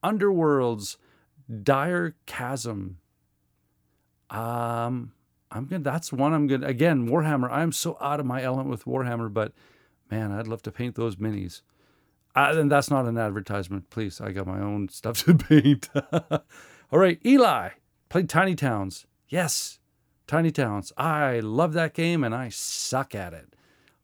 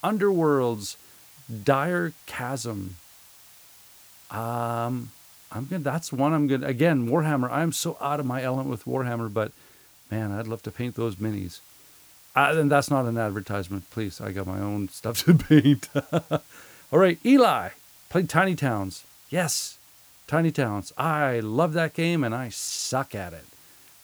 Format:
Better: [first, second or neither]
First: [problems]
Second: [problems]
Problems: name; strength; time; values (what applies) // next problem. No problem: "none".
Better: first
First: none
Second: hiss; faint; throughout; 25 dB below the speech